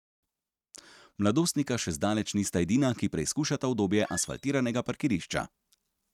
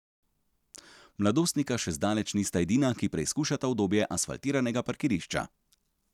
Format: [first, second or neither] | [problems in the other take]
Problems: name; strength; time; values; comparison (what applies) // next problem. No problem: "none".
second | noise reduction (neural mask model RNNoise)